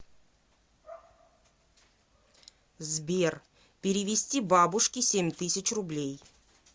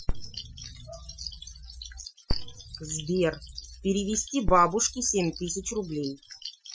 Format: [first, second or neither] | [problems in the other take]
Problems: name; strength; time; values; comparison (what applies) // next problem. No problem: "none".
first | noise reduction (classical method Wiener filter)